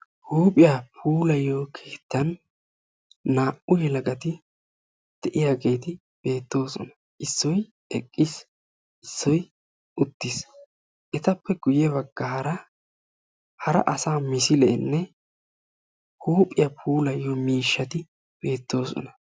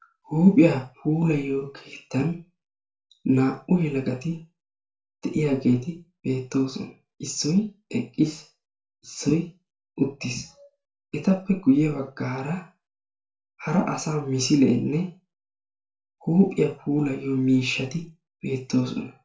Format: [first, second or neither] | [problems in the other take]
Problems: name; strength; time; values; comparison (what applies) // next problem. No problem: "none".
first | room echo; dies away in 0.3 s